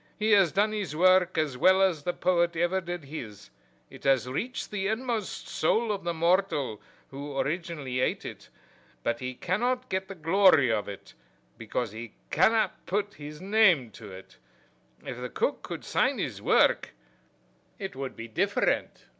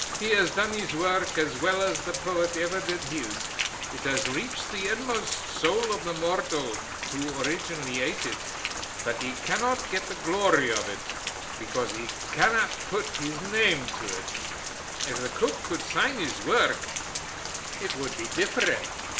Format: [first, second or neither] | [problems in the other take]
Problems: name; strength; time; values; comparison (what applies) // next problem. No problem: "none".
first | background sound (Rain); 4 dB below the speech // room echo; dies away in 0.6 s